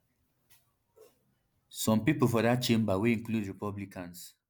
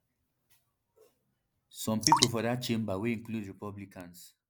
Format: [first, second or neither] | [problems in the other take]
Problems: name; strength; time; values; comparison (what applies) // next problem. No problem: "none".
first | background sound (Drip); 3 dB above the speech